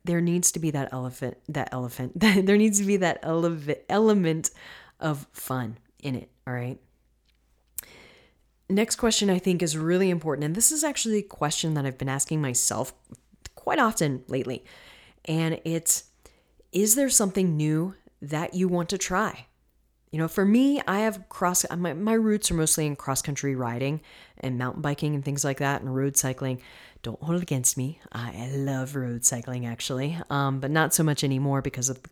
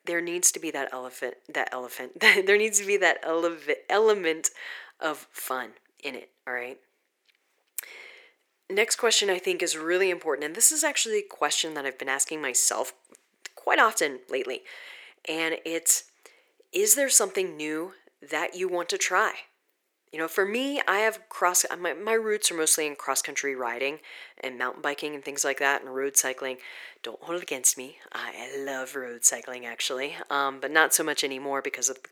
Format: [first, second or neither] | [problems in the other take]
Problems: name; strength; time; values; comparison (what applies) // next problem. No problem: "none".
first | thin; very; fading below 400 Hz